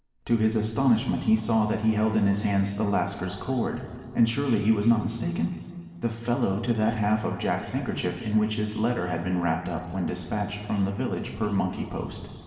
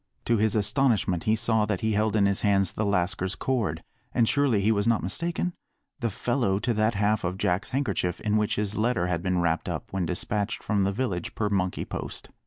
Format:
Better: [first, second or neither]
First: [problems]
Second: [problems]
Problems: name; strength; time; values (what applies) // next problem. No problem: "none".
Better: second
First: room echo; dies away in 2.1 s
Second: none